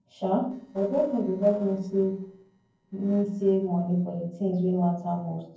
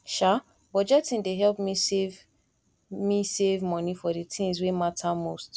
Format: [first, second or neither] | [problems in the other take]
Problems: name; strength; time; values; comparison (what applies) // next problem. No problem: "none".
second | noise reduction (neural separator model SepFormer DNS4)